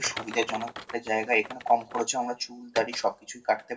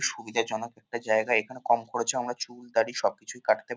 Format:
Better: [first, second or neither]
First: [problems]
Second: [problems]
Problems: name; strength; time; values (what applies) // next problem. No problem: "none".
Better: second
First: background sound (Typing); 13 dB below the speech // room echo; dies away in 0.2 s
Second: none